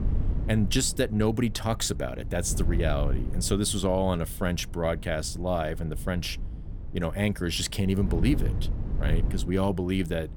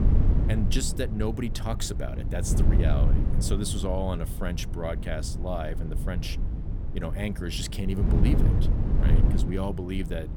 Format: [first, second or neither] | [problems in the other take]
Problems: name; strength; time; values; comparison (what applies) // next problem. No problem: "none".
first | wind noise on the microphone; heavy; 6 dB below the speech; occasional gusts in the first